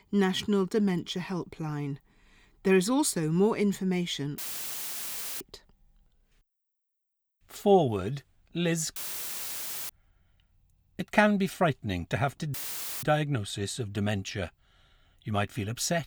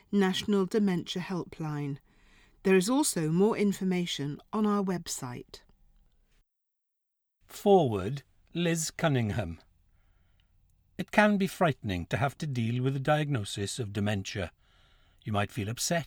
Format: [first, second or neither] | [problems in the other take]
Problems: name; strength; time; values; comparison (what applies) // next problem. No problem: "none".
second | audio cutting out; filled with static; at 4.5 s for 1 s, at 9 s for 1 s and at 13 s